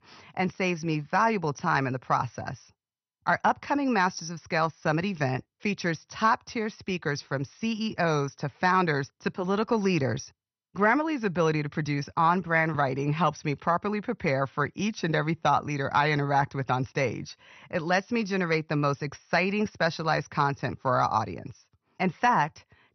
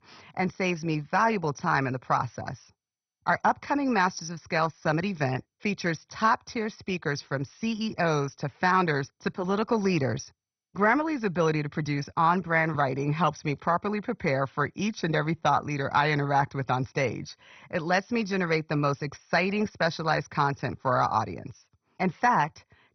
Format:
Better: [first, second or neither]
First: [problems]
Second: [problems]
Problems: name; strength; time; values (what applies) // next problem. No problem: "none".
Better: first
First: garbled, watery; slightly; nothing above 6 kHz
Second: garbled, watery; badly; nothing above 6 kHz